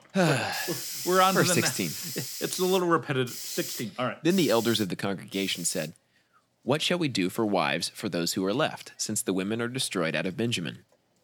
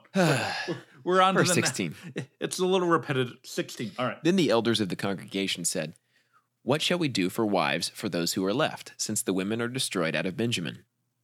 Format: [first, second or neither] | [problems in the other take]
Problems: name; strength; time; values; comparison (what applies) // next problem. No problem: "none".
second | hiss; loud; throughout; 8 dB below the speech